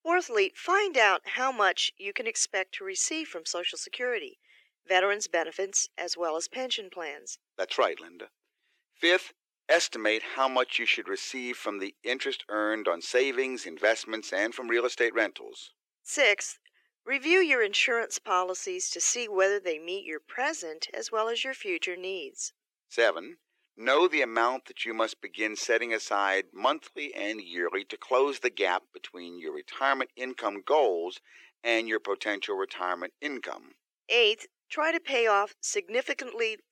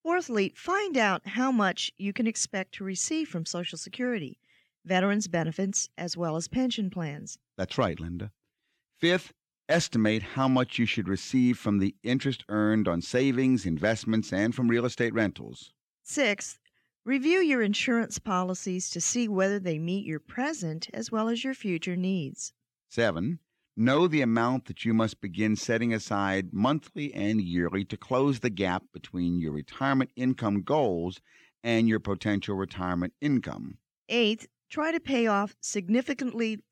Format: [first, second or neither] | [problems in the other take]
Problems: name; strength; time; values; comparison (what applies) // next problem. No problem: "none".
second | thin; very; fading below 400 Hz